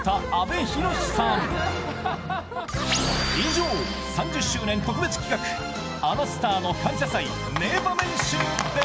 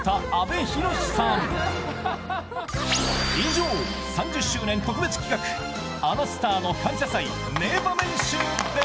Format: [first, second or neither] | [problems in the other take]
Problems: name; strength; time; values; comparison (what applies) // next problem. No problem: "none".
second | background sound (Bird); 15 dB below the speech